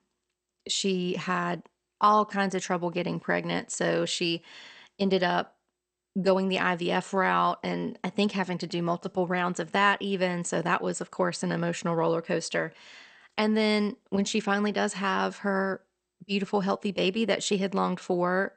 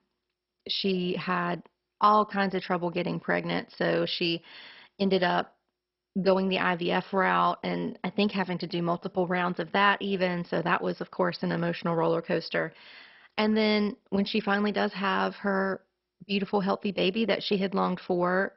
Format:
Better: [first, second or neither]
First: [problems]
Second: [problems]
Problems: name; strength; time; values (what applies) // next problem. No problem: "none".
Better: first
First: garbled, watery; slightly; nothing above 8.5 kHz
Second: garbled, watery; badly; nothing above 5.5 kHz